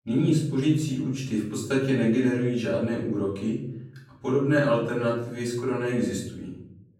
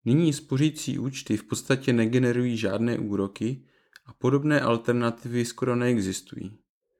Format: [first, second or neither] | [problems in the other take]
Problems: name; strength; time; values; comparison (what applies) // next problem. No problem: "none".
second | off-mic speech; far // room echo; noticeable; dies away in 0.8 s